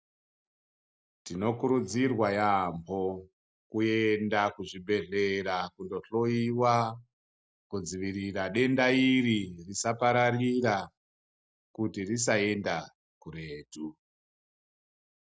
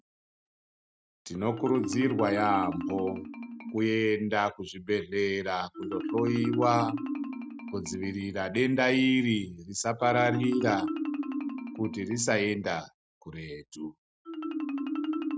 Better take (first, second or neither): first